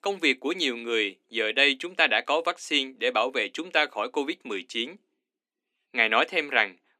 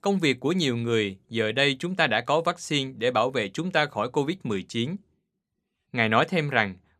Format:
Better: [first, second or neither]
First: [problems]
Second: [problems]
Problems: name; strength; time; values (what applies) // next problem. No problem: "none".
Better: second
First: thin; somewhat; fading below 250 Hz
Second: none